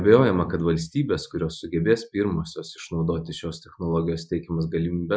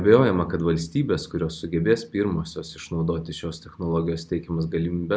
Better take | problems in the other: second | noise reduction (classical method Wiener filter)

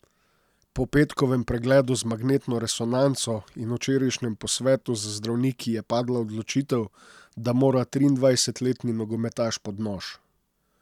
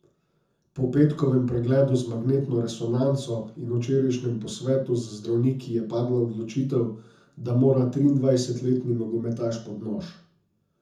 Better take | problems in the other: first | room echo; dies away in 0.5 s

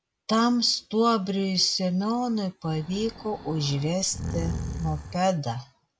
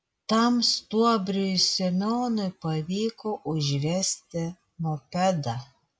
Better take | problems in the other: second | background sound (Breathing); 8 dB below the speech

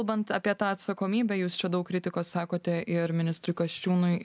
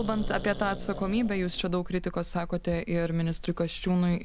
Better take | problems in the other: first | background sound (Growling); 9 dB below the speech

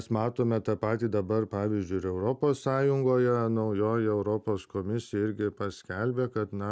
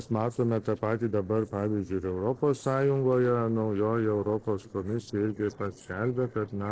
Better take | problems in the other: first | noise reduction (neural separator model SepFormer DNS4)

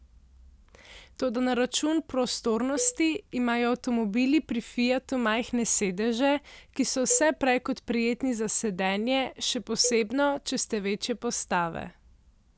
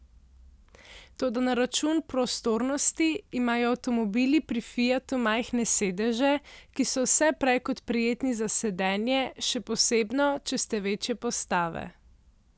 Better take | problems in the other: second | background sound (Cowbell); 15 dB below the speech

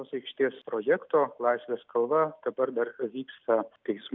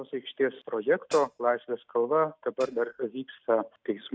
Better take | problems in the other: first | noise reduction (neural mask model RNNoise)

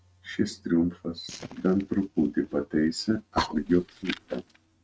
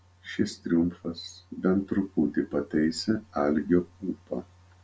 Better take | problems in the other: second | noise reduction (neural mask model RNNoise)

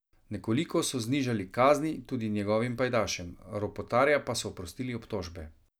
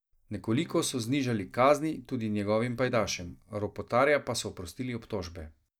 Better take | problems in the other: first | noise reduction (neural mask model DeepFilterNet 3)

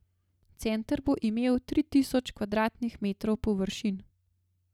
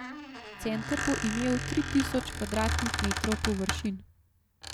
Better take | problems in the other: first | background sound (Squeak); 2 dB below the speech

